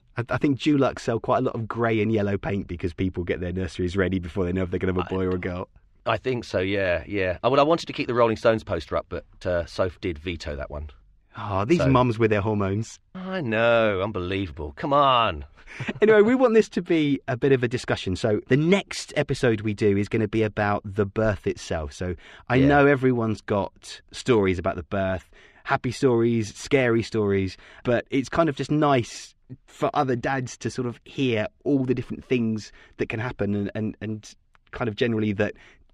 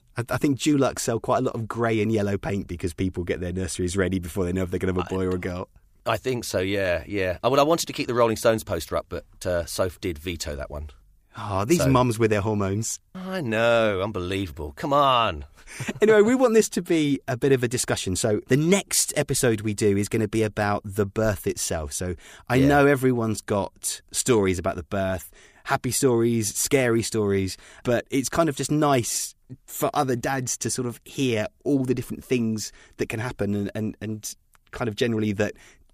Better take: second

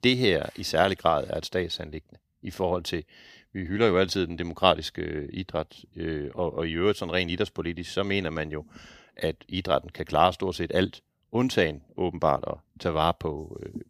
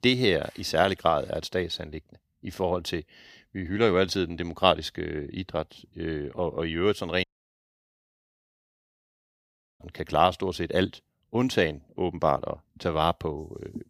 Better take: first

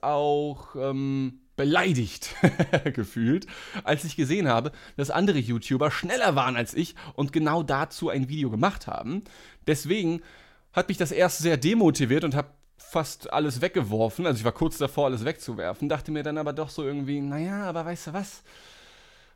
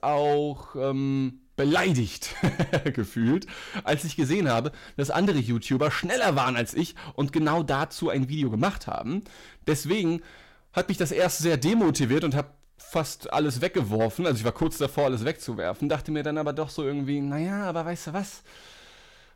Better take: first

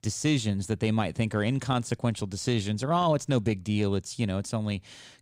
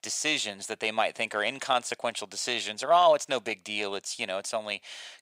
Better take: first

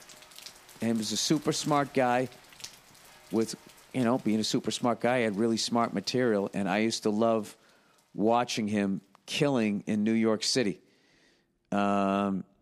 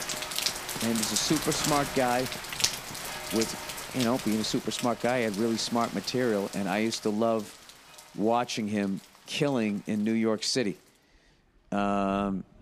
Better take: first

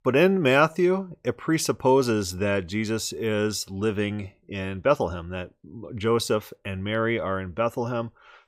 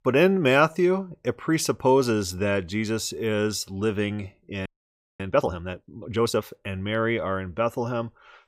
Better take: first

